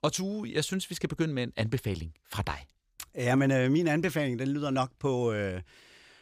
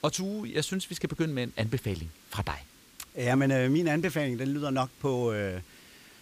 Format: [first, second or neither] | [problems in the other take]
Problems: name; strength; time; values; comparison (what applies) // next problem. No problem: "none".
first | hiss; faint; throughout; 25 dB below the speech